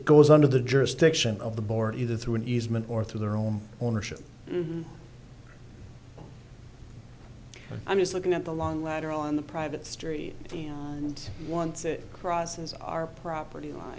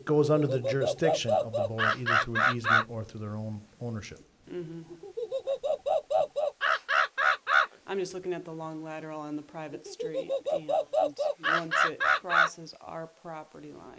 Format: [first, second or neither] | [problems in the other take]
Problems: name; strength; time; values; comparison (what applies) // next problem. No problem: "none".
first | noise reduction (neural mask model Resemble Enhance denoiser)